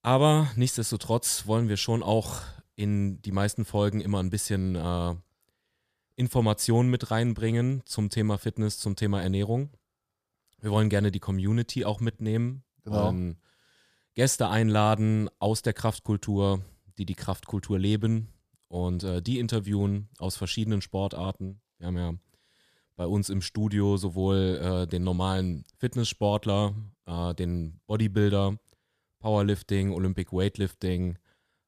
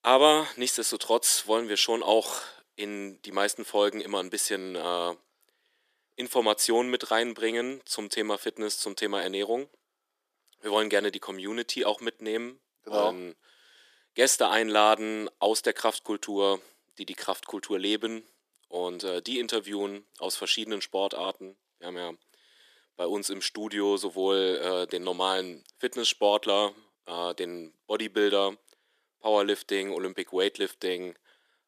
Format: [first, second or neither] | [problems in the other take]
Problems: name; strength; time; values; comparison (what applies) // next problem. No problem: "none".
first | thin; very; fading below 300 Hz